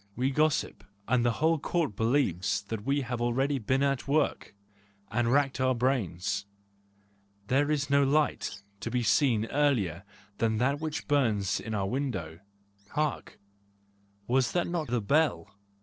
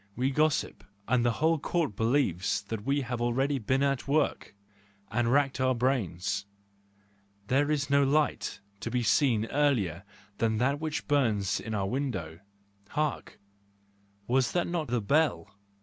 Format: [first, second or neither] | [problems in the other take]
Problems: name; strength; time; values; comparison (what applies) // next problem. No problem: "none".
second | noise reduction (neural separator model SepFormer DNS4)